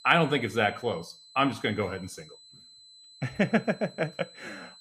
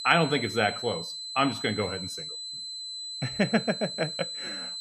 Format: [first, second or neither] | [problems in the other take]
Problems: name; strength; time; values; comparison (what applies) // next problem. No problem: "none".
first | high-pitched whine; loud; throughout; 4 kHz, 6 dB below the speech; faint in the first